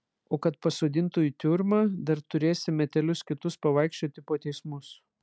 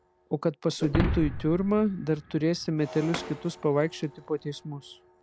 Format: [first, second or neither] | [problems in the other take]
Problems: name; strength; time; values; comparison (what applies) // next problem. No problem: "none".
first | background sound (Shatter); 8 dB below the speech